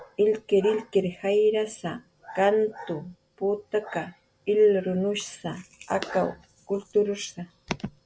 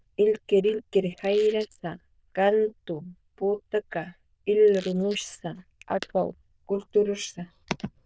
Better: first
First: none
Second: noise reduction (neural diffusion model UNIVERSE++)

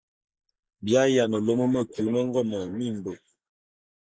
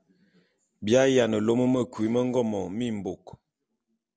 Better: second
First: noise reduction (neural mask model Resemble Enhance denoiser)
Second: none

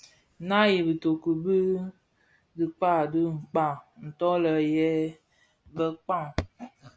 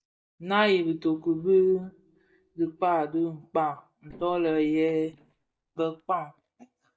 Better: first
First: none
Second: noise reduction (neural mask model DeepFilterNet 3)

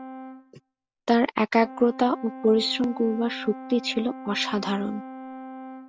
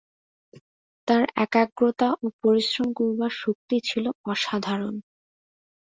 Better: second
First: background sound (Brass instrument); 14 dB below the speech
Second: none

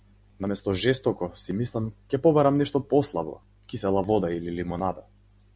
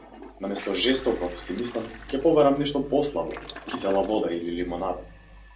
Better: first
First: none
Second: background sound (Toilet flush); 17 dB below the speech // room echo; dies away in 0.2 s

